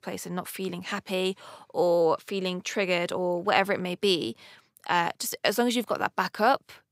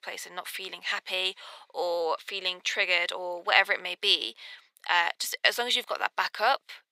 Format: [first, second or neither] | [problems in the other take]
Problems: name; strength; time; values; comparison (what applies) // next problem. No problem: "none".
first | thin; very; fading below 650 Hz